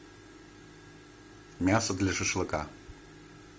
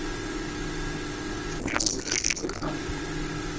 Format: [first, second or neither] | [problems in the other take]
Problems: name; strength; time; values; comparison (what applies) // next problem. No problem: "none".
first | noise reduction (neural separator model SepFormer DNS4)